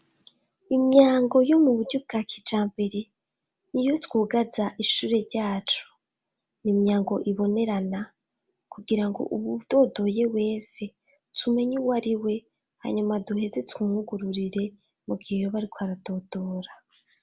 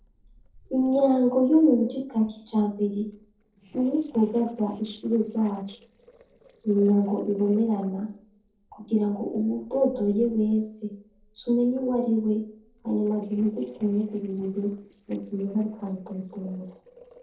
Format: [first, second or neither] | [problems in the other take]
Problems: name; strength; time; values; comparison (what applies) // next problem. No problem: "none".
first | noise reduction (neural separator model SepFormer DNS4)